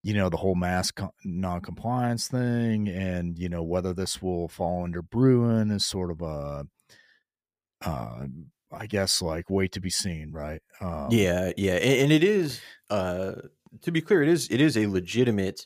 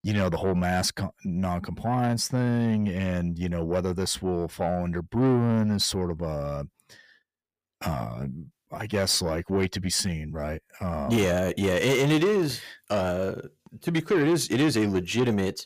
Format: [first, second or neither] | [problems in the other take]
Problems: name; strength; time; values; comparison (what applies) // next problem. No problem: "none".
first | distortion; slight; 10 dB below the speech